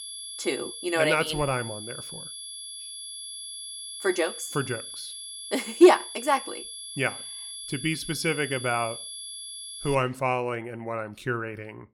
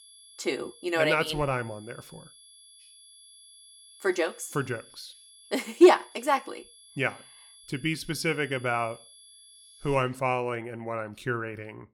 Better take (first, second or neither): second